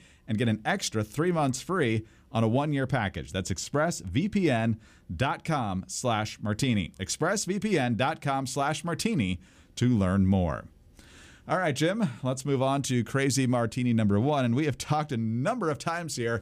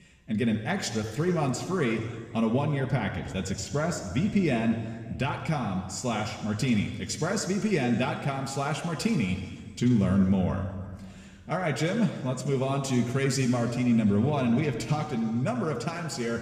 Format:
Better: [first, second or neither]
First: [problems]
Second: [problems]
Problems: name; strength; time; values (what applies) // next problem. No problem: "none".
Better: first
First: none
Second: room echo; slight; dies away in 1.8 s